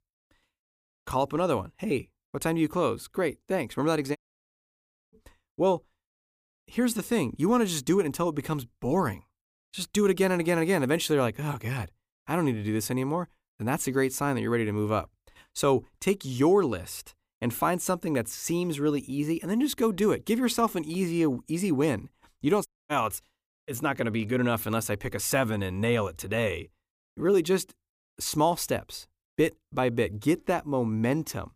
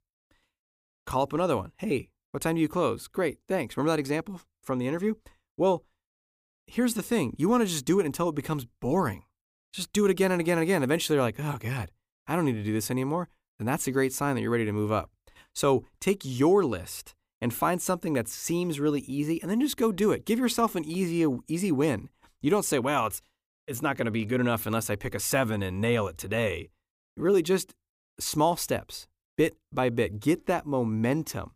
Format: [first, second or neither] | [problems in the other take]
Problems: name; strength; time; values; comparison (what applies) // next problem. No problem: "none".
second | audio cutting out; at 4 s for 1 s and at 23 s